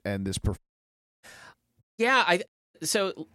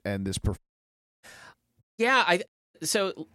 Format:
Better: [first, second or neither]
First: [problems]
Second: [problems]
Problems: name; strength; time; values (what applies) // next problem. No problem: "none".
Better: neither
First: audio cutting out; at 0.5 s for 0.5 s, at 2 s and at 2.5 s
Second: audio cutting out; at 0.5 s for 0.5 s, at 2 s and at 2.5 s